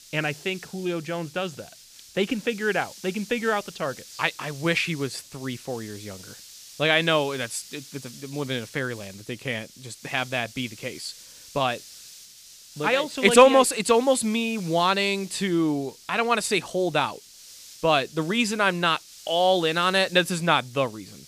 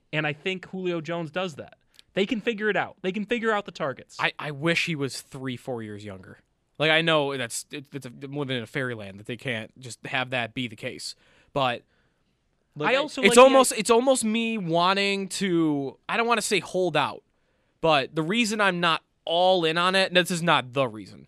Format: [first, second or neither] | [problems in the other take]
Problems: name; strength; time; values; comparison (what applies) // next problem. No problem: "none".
second | hiss; noticeable; throughout; 20 dB below the speech